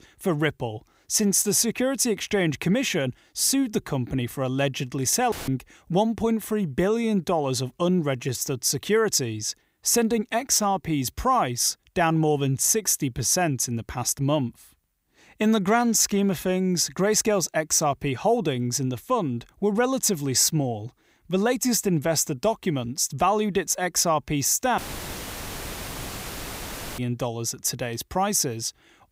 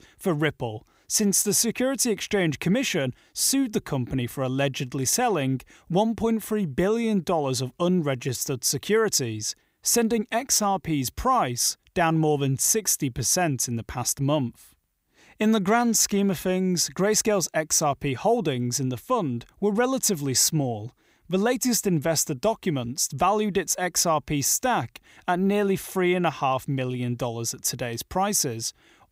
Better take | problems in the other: second | audio cutting out; filled with static; at 5.5 s and at 25 s for 2 s

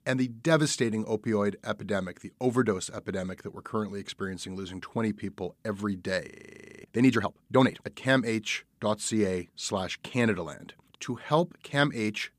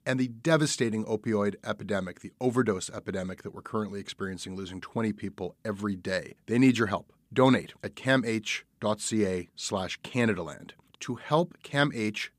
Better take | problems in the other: second | audio freezing; at 6.5 s for 0.5 s

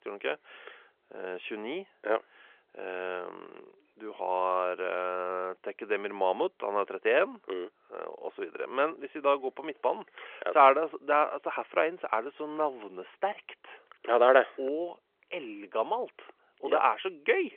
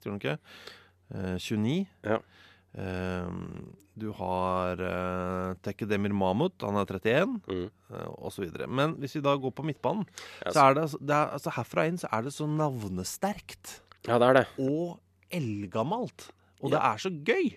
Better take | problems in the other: second | phone-call audio

